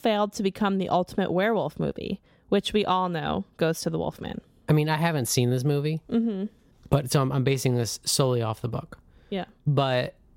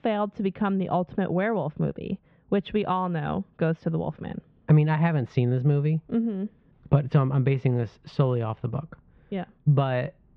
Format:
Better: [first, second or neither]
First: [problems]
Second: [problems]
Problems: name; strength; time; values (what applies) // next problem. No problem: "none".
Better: first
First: none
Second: muffled; very; fading above 2.5 kHz